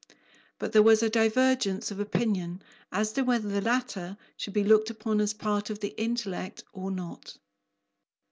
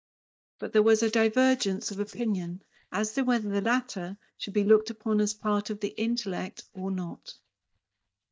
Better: first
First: none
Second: noise reduction (neural mask model DeepFilterNet 3)

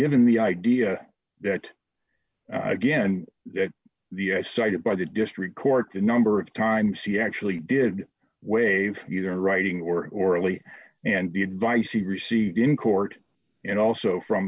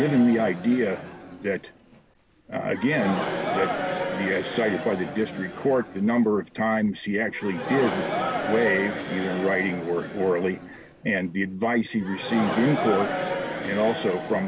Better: first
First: none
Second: background sound (Crowd); 6 dB below the speech

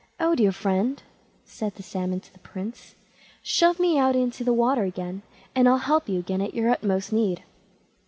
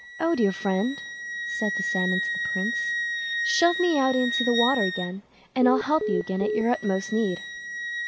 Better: first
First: none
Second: background sound (Wind instrument, woodwind instrument + Telephone); 4 dB below the speech

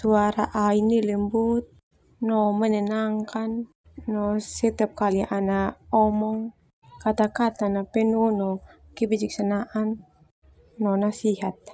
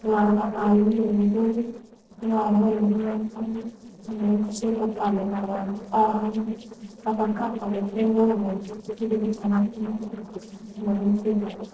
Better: first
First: none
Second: noise reduction (neural separator model SepFormer DNS4)

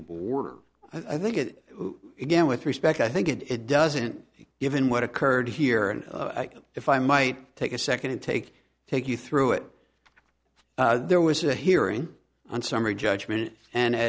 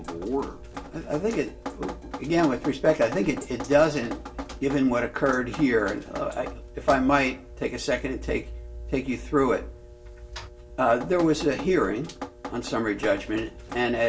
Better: first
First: none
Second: background sound (Drip); 12 dB below the speech // room echo; dies away in 0.2 s

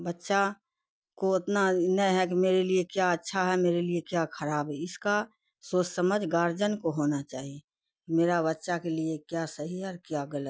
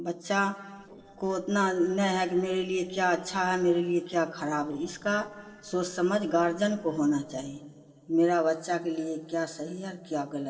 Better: first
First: none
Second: noise reduction (neural separator model SepFormer DNS4)

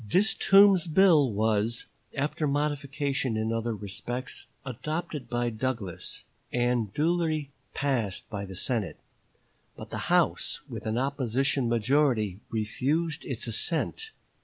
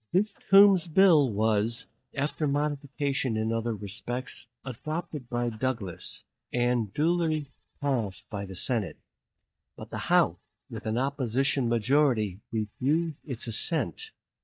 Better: first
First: none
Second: noise reduction (neural mask model DeepFilterNet 3)

